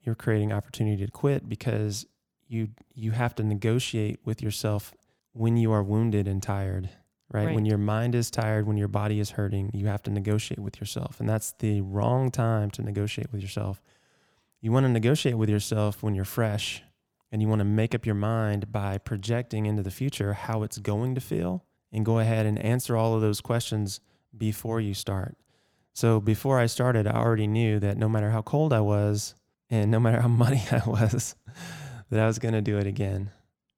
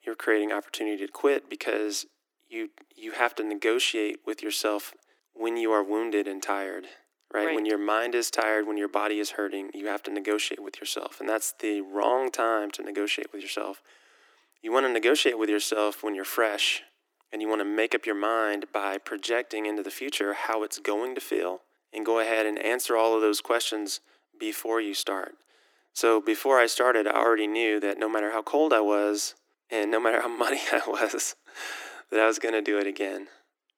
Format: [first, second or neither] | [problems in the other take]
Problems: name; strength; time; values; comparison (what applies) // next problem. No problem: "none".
first | thin; very; fading below 300 Hz